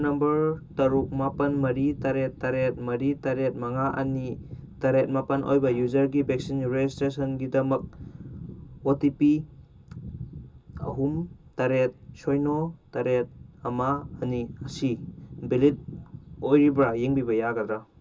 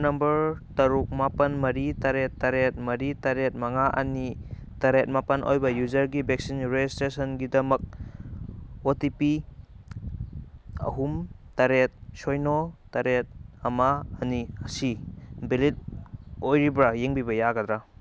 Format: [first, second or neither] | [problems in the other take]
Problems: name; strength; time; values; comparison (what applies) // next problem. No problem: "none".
second | room echo; dies away in 0.2 s